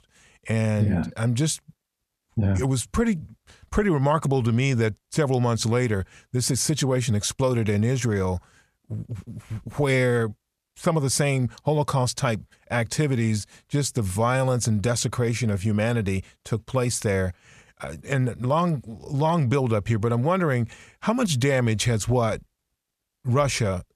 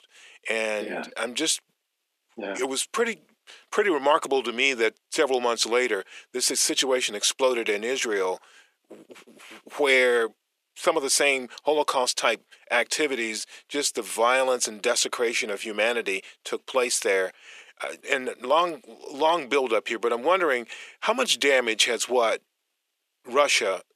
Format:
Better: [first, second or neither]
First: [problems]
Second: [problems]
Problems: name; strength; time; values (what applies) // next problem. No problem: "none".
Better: first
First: none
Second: thin; very; fading below 300 Hz